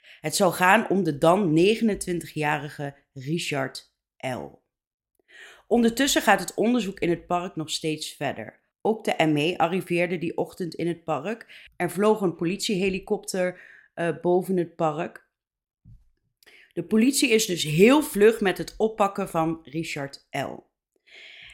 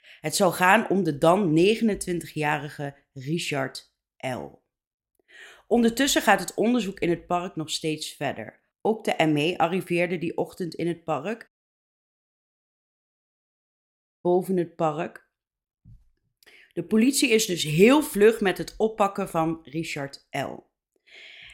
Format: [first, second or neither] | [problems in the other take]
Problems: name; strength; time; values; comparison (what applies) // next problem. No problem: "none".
first | audio cutting out; at 11 s for 3 s